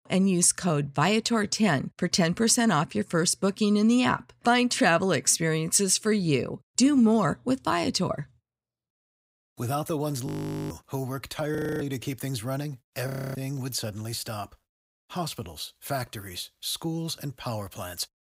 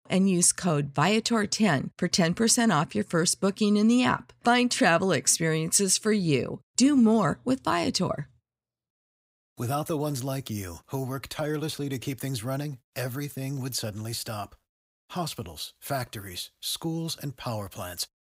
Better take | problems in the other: second | audio freezing; at 10 s, at 12 s and at 13 s

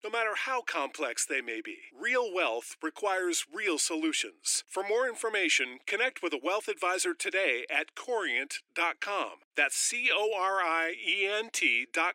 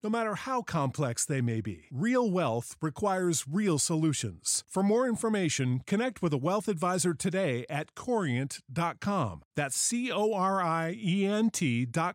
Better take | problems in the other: second | thin; very; fading below 300 Hz

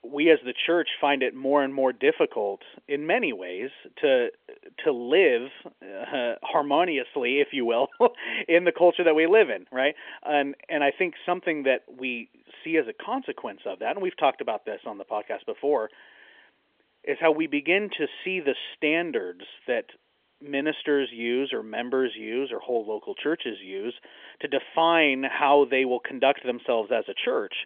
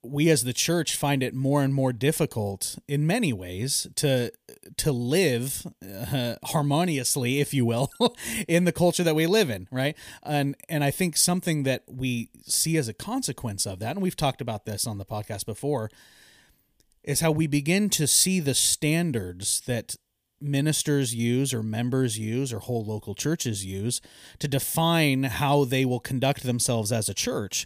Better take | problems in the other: second | phone-call audio; nothing above 3.5 kHz

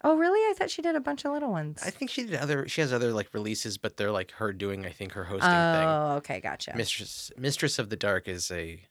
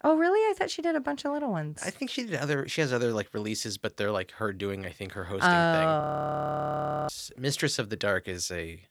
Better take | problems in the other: first | audio freezing; at 6 s for 1 s

